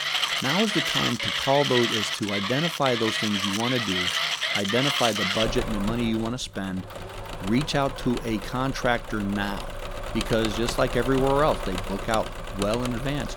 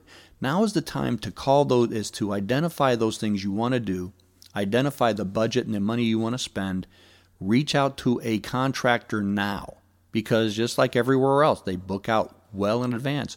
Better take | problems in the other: second | machinery noise; loud; throughout; 1 dB below the speech

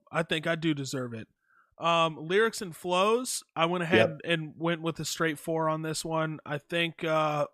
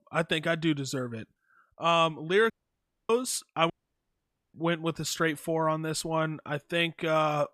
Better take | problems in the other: first | audio cutting out; at 2.5 s for 0.5 s and at 3.5 s for 1 s

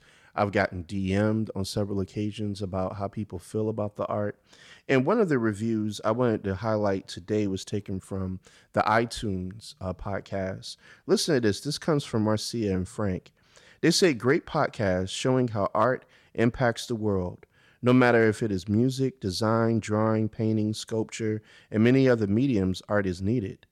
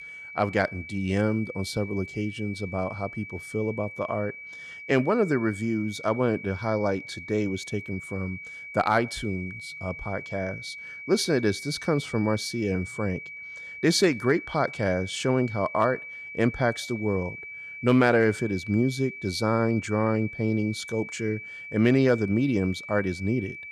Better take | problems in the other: first | high-pitched whine; noticeable; throughout; 2.5 kHz, 10 dB below the speech

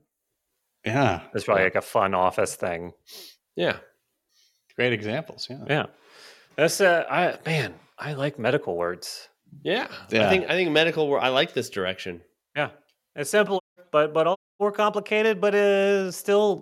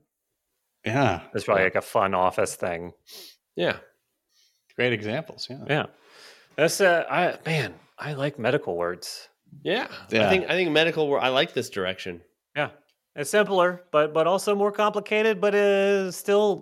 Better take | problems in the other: second | audio cutting out; at 14 s

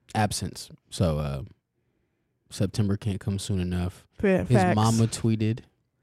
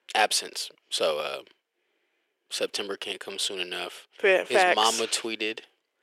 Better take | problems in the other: first | thin; very; fading below 400 Hz

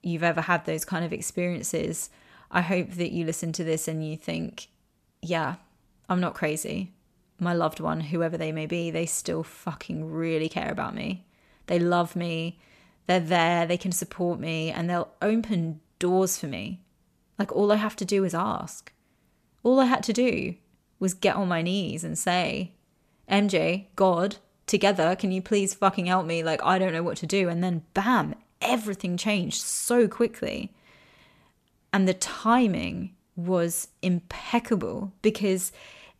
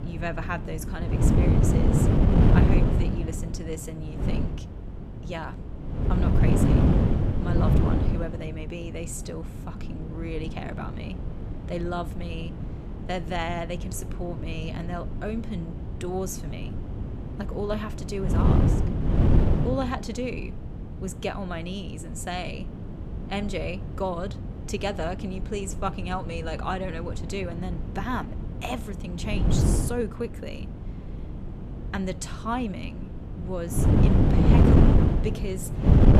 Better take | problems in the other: first | wind noise on the microphone; heavy; as loud as the speech

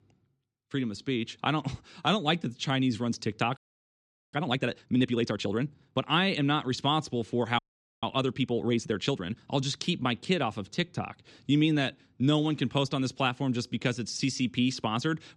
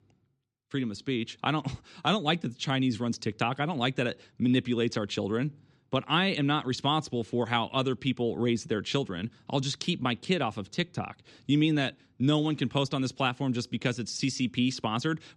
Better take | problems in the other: second | audio freezing; at 3.5 s for 1 s and at 7.5 s

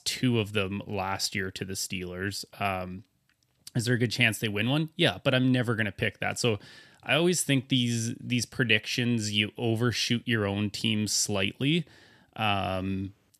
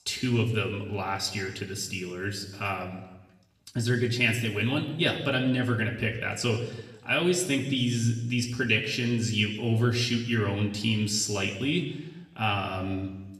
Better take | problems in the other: first | room echo; slight; dies away in 1 s // off-mic speech; somewhat distant

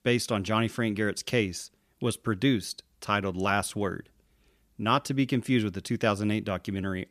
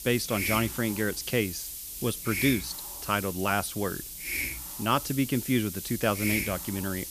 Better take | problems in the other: first | hiss; loud; throughout; 4 dB below the speech

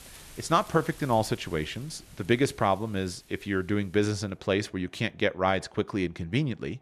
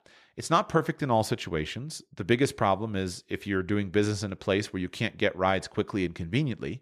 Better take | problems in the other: second | wind in the background; faint; throughout; 20 dB below the speech

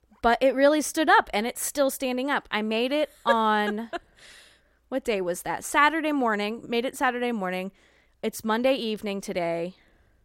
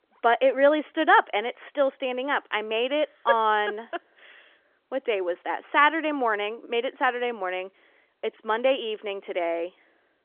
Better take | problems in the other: first | phone-call audio; nothing above 3.5 kHz

